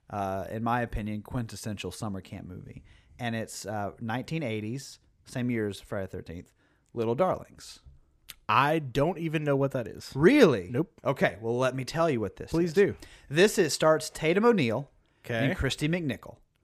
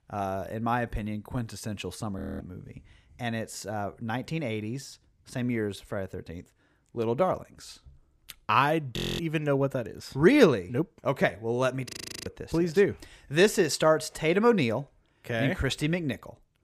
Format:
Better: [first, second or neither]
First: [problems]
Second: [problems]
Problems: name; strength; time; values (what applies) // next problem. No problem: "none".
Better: first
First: none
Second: audio freezing; at 2 s, at 9 s and at 12 s